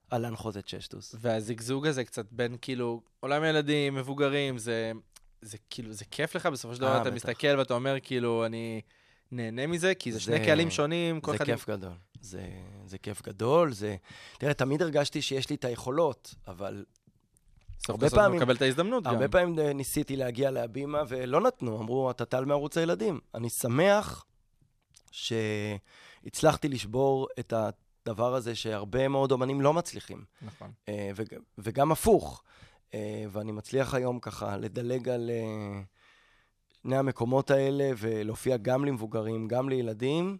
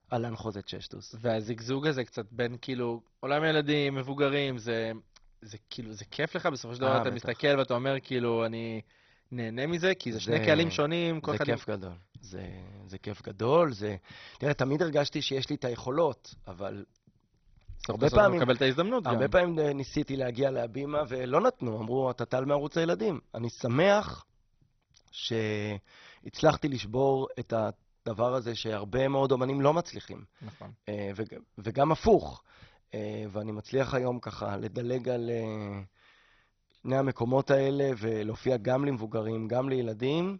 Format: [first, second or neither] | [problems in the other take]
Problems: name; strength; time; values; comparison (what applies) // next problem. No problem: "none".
first | garbled, watery; badly; nothing above 6 kHz